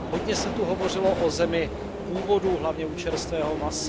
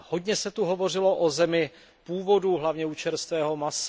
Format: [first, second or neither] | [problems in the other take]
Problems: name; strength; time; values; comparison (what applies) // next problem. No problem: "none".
second | background sound (Subway, metro, underground); 4 dB below the speech